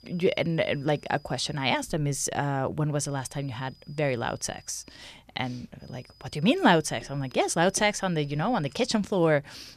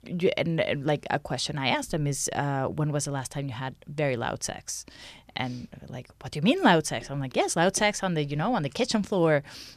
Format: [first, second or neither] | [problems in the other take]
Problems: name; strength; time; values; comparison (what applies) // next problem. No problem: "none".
second | high-pitched whine; faint; until 2 s, from 3 to 5 s and from 6 to 9 s; 5 kHz, 30 dB below the speech